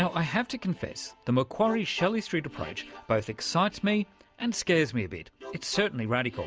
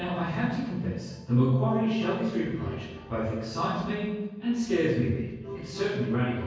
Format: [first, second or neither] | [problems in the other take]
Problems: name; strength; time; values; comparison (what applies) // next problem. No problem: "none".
first | room echo; dies away in 1.3 s